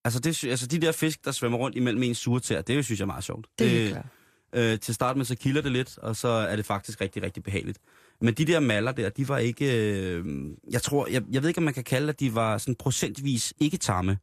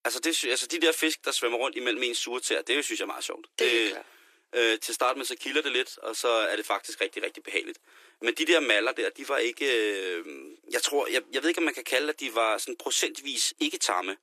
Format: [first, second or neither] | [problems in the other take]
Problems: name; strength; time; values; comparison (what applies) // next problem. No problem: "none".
first | thin; very; fading below 300 Hz